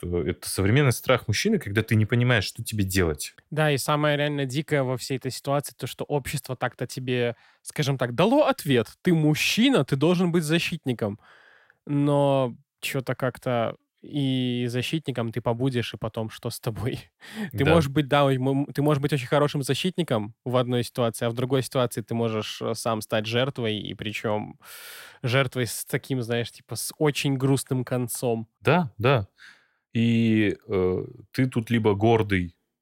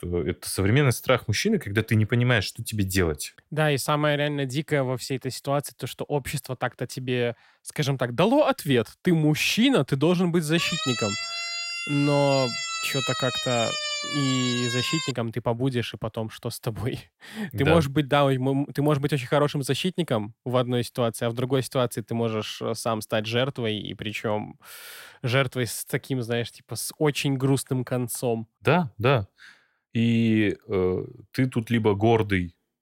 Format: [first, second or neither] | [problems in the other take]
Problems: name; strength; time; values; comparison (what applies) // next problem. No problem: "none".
first | siren; noticeable; from 11 to 15 s; peak 2 dB below the speech